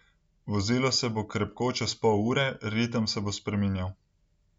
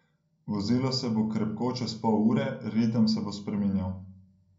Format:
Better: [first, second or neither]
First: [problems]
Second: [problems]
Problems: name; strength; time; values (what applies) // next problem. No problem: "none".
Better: first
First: none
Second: room echo; dies away in 0.6 s